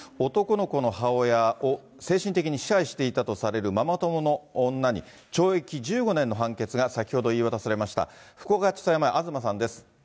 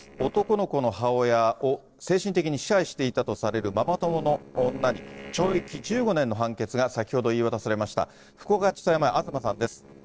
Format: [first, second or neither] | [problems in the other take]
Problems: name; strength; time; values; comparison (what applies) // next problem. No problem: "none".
first | noise reduction (neural separator model SepFormer DNS4)